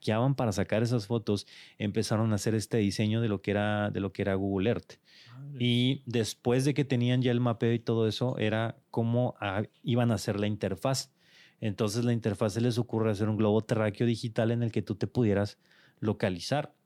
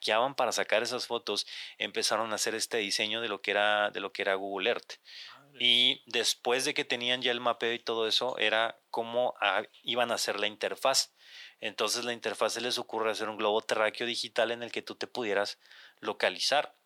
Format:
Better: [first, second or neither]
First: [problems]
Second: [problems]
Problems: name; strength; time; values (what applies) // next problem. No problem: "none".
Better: first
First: none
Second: thin; very; fading below 750 Hz